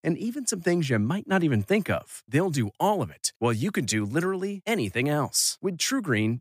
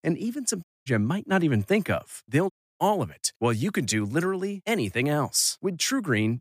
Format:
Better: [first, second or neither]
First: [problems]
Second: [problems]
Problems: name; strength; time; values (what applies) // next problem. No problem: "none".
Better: first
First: none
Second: audio cutting out; at 0.5 s and at 2.5 s